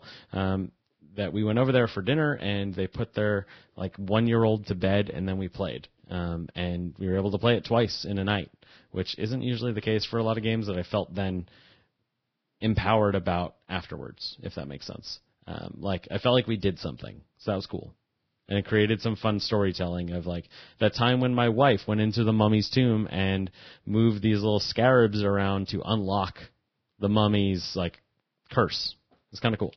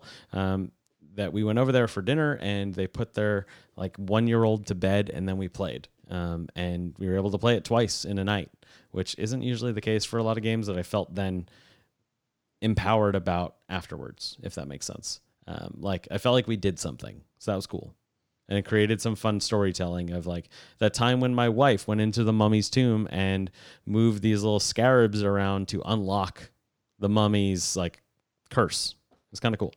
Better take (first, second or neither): second